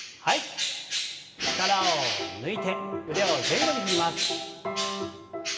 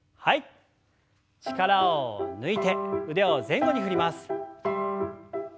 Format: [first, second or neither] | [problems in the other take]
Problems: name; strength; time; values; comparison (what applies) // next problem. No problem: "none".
second | background sound (Bird); 2 dB below the speech // room echo; dies away in 1.9 s